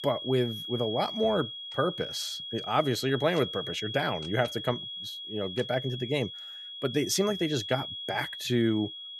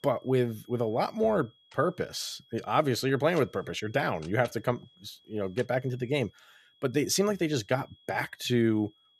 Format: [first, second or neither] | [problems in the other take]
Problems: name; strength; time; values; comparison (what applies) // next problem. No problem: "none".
second | high-pitched whine; loud; throughout; 3.5 kHz, 7 dB below the speech; faint in the second